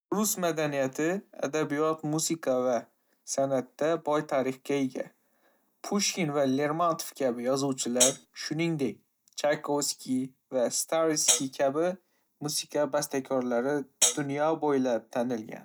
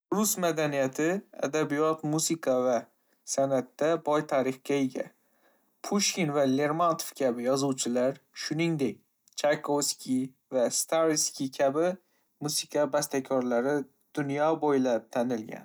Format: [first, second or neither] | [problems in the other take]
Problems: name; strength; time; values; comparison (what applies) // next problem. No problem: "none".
second | background sound (Hi-hat); 2 dB above the speech